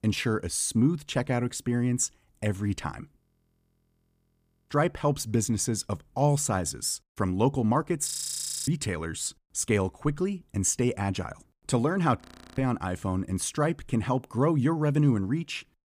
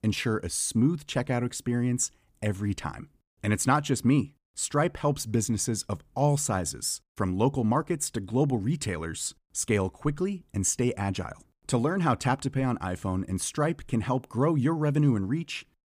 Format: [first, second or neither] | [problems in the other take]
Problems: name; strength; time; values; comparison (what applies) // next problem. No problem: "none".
second | audio freezing; at 3 s for 1.5 s, at 8 s for 0.5 s and at 12 s